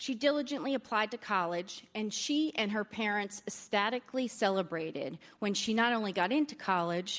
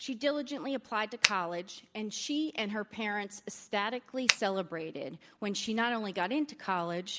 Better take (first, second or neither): first